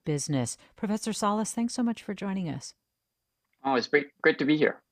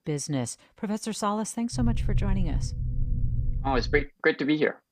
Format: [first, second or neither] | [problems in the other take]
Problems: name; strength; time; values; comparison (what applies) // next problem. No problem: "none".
first | low rumble; noticeable; from 2 to 4 s; 15 dB below the speech